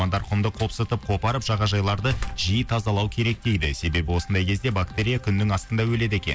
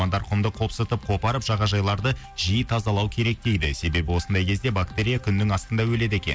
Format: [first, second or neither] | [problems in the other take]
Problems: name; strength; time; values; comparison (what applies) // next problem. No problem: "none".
second | background sound (Slam); 17 dB below the speech